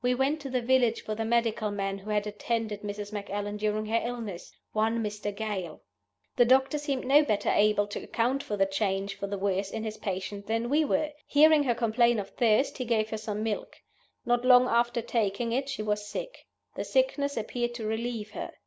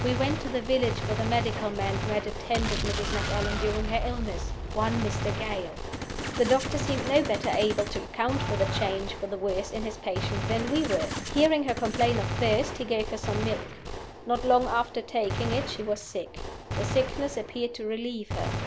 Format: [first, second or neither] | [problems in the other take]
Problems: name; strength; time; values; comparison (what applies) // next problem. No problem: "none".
first | background sound (Gunshot, gunfire); 3 dB below the speech